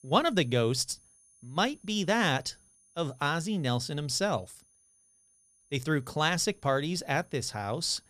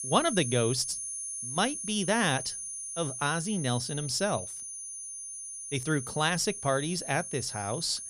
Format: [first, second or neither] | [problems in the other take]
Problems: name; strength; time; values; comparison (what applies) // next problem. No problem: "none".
first | high-pitched whine; loud; throughout; 10 kHz, 6 dB below the speech; faint in the first